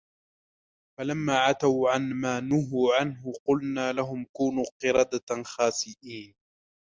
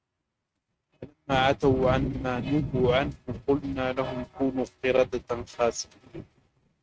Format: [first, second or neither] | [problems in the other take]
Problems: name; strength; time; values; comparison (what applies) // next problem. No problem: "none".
first | noise reduction (neural mask model RNNoise)